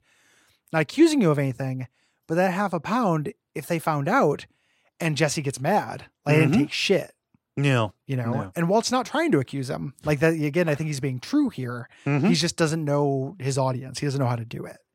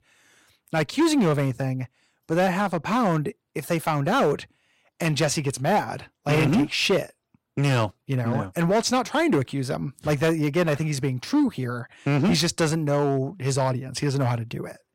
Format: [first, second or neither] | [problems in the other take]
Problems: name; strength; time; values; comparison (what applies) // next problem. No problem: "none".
first | distortion; slight; 7% of the sound clipped